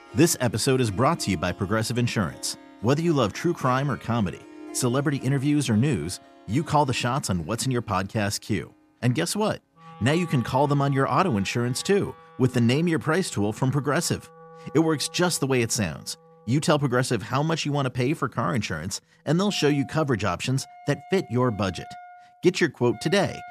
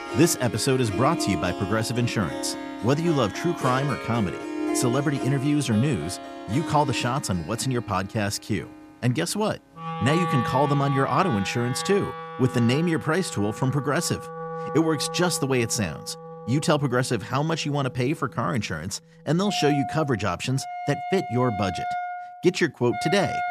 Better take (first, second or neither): first